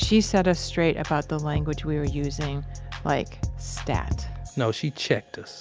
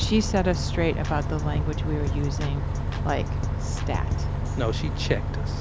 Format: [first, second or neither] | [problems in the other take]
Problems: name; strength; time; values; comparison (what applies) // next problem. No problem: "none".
first | background sound (Bus); 1 dB above the speech